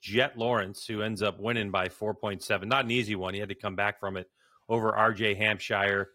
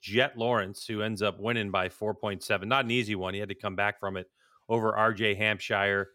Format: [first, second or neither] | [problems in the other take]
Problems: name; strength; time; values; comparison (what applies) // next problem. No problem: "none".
second | garbled, watery; slightly; nothing above 16.5 kHz